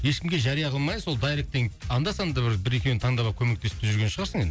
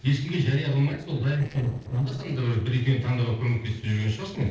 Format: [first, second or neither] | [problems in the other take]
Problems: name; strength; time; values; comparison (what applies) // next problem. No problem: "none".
first | noise reduction (neural separator model SepFormer DNS4)